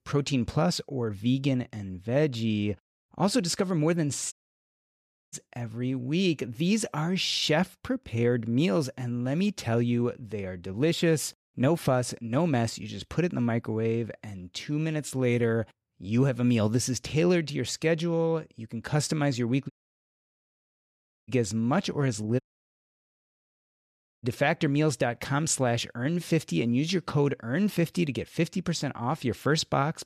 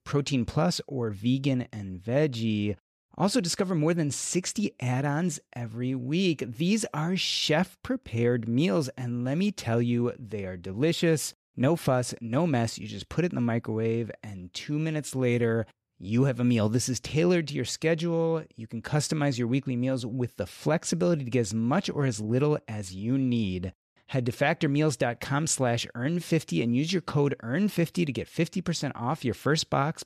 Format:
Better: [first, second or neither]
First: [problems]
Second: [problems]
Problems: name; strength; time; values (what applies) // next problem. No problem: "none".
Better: second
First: audio cutting out; at 4.5 s for 1 s, at 20 s for 1.5 s and at 22 s for 2 s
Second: none